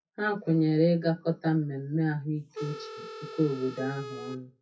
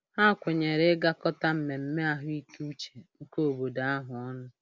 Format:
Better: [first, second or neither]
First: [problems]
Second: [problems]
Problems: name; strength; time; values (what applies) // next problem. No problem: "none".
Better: second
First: noise reduction (classical method WPE with log-MMSE)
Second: none